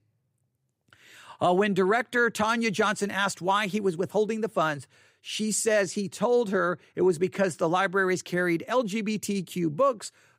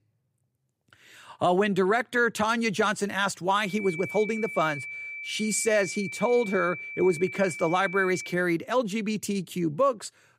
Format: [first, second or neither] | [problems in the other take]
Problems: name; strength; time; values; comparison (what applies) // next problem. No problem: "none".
first | high-pitched whine; loud; from 3.5 to 8.5 s; 2.5 kHz, 9 dB below the speech